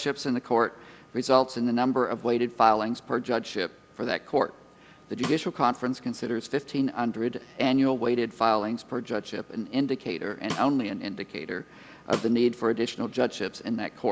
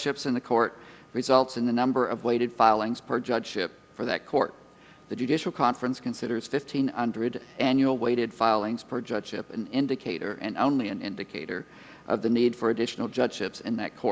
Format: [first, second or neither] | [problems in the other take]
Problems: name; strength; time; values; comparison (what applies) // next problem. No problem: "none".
second | background sound (Snare drum); 13 dB below the speech